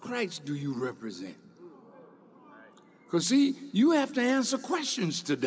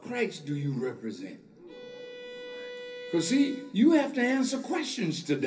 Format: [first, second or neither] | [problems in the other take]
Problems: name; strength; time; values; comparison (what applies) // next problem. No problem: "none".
first | background sound (Bowed string instrument); 14 dB below the speech // room echo; dies away in 0.3 s